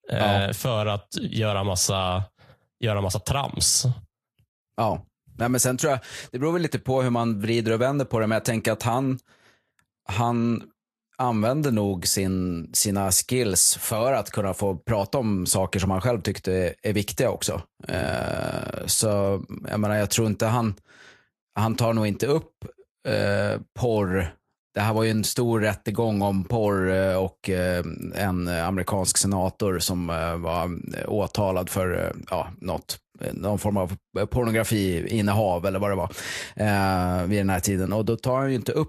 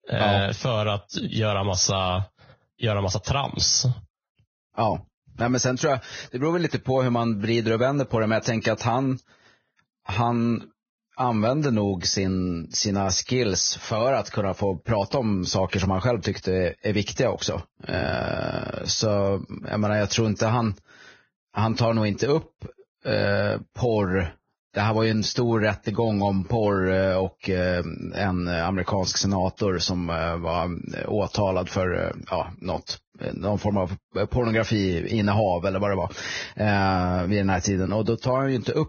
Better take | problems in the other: first | garbled, watery; badly; nothing above 6.5 kHz; slightly in the first

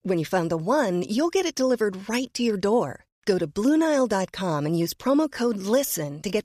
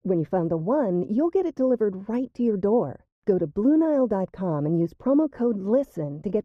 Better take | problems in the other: first | muffled; very; fading above 1.5 kHz

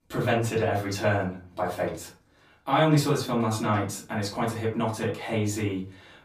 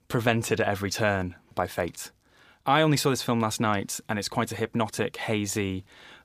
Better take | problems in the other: second | off-mic speech; far // room echo; slight; dies away in 0.3 s

